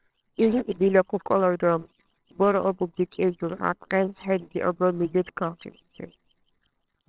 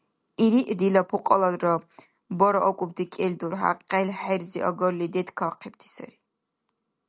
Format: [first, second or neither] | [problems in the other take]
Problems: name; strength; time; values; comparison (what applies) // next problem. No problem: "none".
second | noise reduction (neural separator model SepFormer WHAMR!)